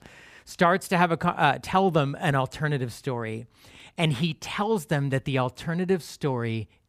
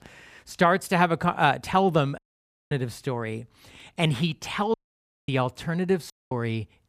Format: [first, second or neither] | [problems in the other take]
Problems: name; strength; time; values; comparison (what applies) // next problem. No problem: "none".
first | audio cutting out; at 2 s for 0.5 s, at 4.5 s for 0.5 s and at 6 s